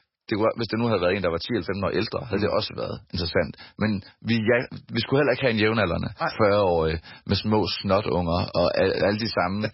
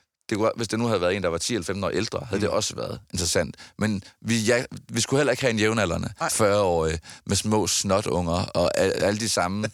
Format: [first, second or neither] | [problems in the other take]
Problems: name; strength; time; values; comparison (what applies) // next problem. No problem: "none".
second | garbled, watery; badly; nothing above 5.5 kHz